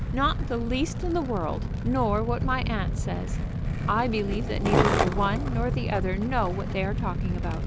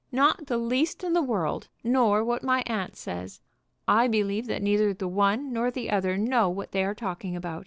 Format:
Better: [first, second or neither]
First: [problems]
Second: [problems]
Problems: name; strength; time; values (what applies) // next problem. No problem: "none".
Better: second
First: background sound (Fire + Skateboard); 2 dB above the speech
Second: none